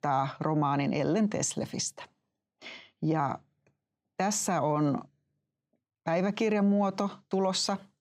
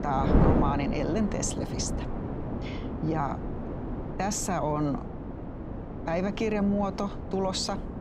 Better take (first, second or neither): first